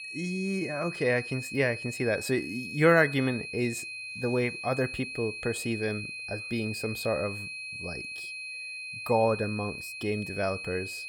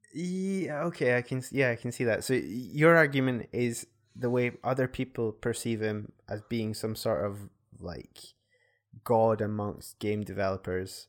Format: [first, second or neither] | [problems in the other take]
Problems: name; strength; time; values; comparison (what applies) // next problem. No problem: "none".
second | high-pitched whine; loud; throughout; 2.5 kHz, 7 dB below the speech